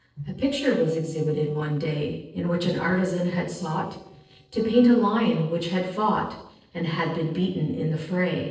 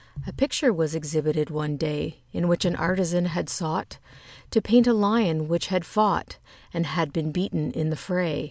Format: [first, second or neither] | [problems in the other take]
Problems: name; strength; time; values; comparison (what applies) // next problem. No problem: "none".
second | noise reduction (neural separator model SepFormer DNS4)